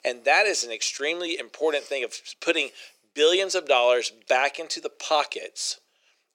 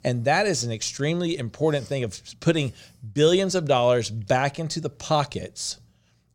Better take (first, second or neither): second